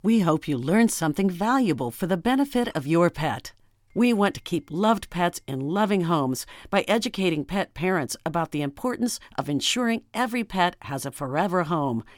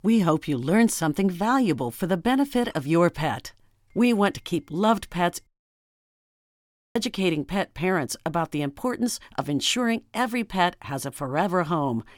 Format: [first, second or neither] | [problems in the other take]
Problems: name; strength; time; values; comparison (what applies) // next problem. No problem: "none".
first | audio cutting out; at 5.5 s for 1.5 s